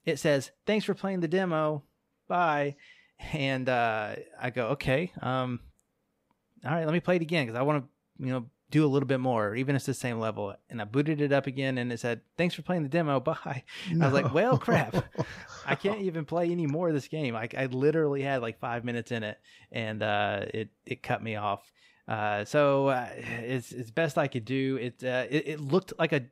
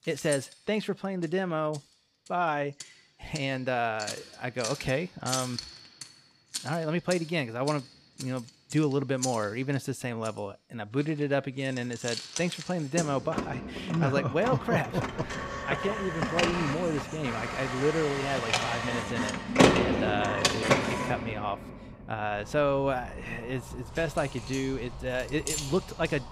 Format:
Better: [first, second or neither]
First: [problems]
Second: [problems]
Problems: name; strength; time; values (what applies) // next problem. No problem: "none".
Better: first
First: none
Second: household noises; loud; throughout; 1 dB below the speech